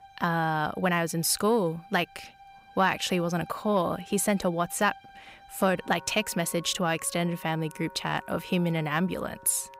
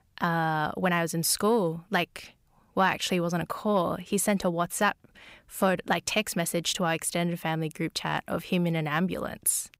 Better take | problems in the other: second | background music; faint; throughout; 20 dB below the speech

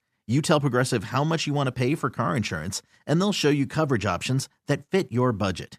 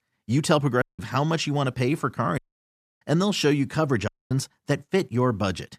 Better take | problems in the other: first | audio cutting out; at 1 s, at 2.5 s for 0.5 s and at 4 s

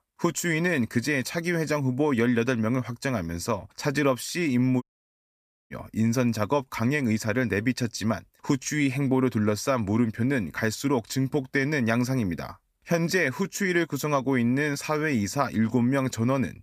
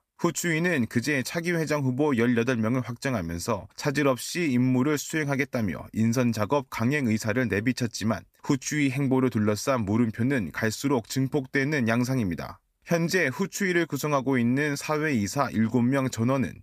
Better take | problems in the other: second | audio cutting out; at 5 s for 1 s

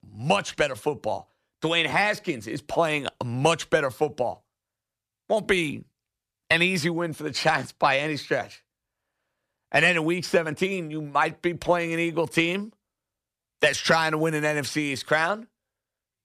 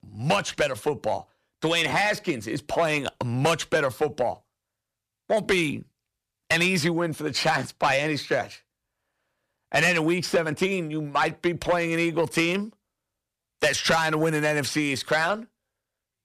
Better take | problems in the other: first | distortion; slight; 10 dB below the speech

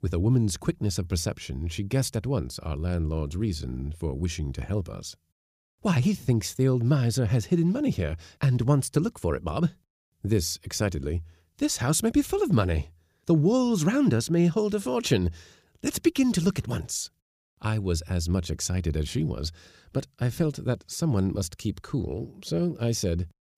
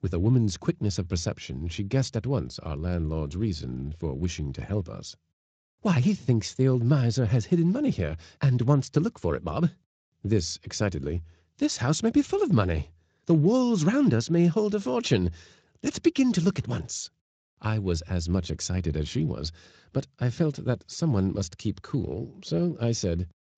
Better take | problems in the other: first | garbled, watery; slightly; nothing above 7.5 kHz

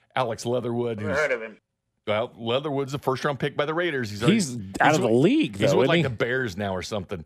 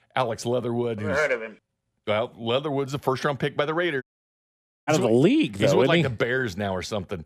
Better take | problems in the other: first | audio cutting out; at 4 s for 1 s

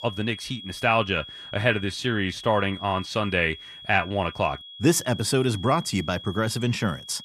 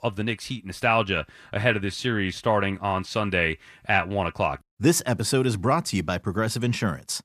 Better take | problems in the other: second | high-pitched whine; noticeable; throughout; 3.5 kHz, 15 dB below the speech

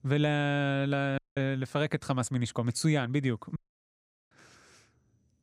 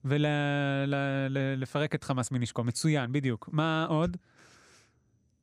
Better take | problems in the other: second | audio cutting out; at 1 s and at 3.5 s for 0.5 s

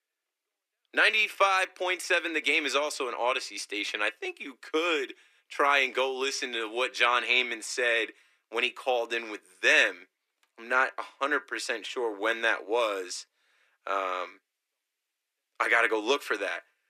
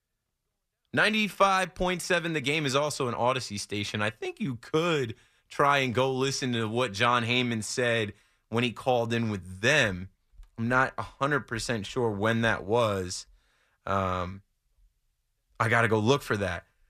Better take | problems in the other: second | thin; very; fading below 300 Hz

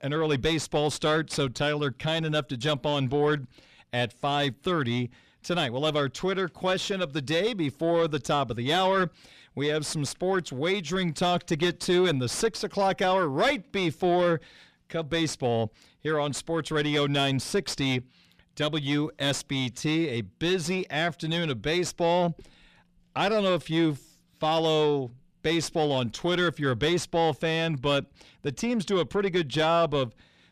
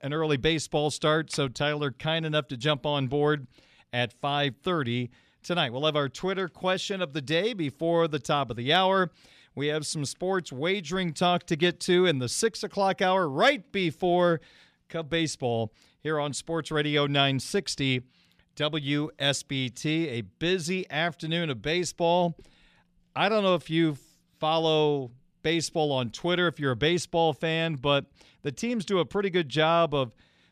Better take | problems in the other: second | distortion; slight; 10 dB below the speech

